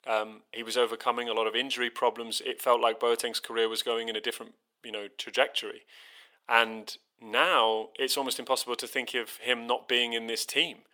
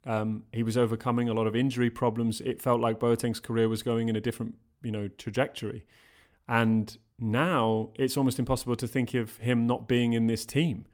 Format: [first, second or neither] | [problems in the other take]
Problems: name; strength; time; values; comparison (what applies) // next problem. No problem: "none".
second | thin; very; fading below 500 Hz